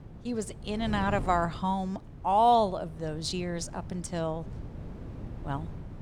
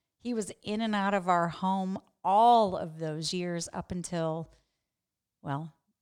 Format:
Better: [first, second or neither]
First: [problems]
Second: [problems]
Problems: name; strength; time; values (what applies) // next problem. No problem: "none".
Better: second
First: wind noise on the microphone; occasional gusts; 20 dB below the speech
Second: none